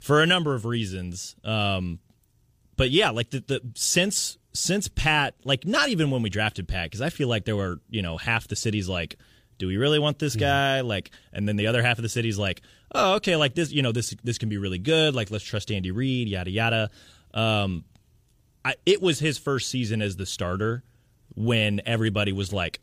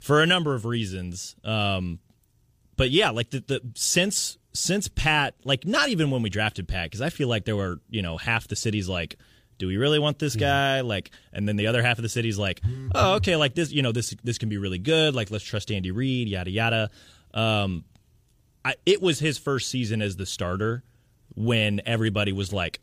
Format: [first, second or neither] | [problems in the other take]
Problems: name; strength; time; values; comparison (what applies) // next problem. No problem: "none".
first | phone ringing; noticeable; at 13 s; peak 3 dB below the speech